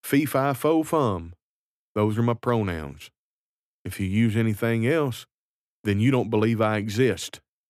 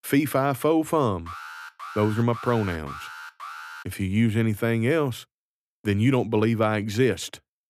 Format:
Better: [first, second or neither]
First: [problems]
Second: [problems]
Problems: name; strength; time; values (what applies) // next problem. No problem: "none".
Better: first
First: none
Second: alarm; faint; from 1.5 to 4 s; peak 15 dB below the speech